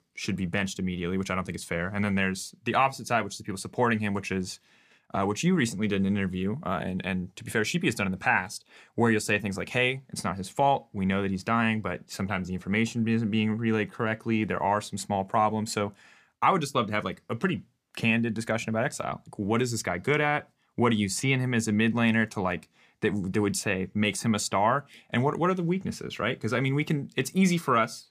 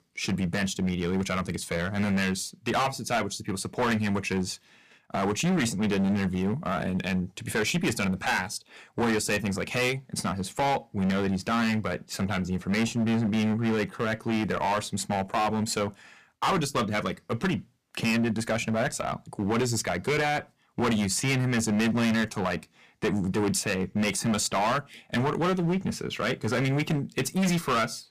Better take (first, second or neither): first